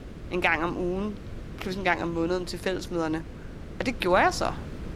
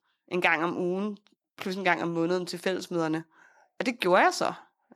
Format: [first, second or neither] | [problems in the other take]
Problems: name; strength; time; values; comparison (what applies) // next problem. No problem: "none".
second | wind noise on the microphone; occasional gusts; 20 dB below the speech